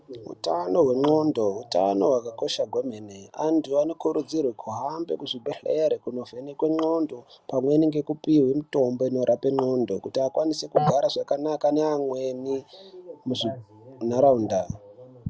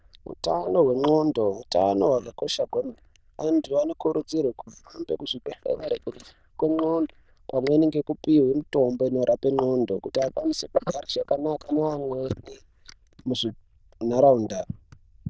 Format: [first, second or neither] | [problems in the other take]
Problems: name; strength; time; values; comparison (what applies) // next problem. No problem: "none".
first | noise reduction (neural diffusion model UNIVERSE++)